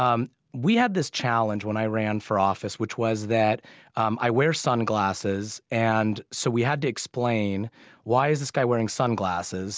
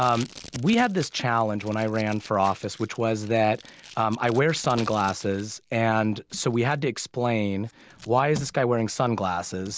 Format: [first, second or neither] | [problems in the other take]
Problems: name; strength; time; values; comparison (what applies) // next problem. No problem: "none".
first | background sound (Packing tape, duct tape); 20 dB below the speech